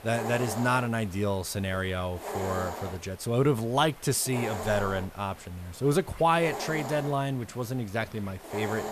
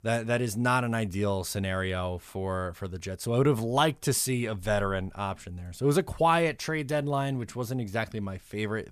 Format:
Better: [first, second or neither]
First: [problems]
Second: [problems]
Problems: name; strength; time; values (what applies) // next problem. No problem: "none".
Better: second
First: hiss; loud; throughout; 10 dB below the speech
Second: none